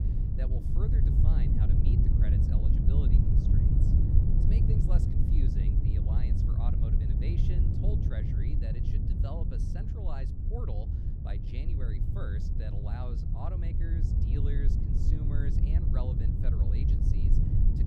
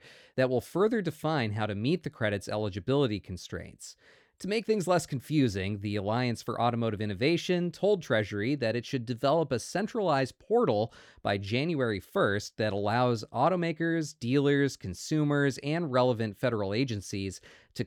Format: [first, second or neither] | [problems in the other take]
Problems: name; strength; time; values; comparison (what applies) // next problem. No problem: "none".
second | wind noise on the microphone; heavy; 4 dB above the speech